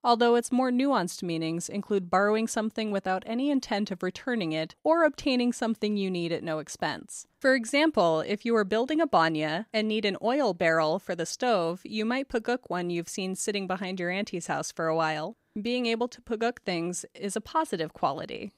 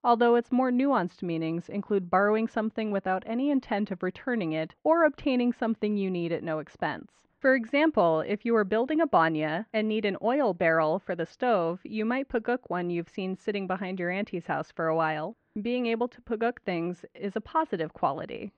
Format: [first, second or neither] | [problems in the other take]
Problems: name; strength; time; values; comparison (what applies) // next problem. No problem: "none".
first | muffled; very; fading above 2.5 kHz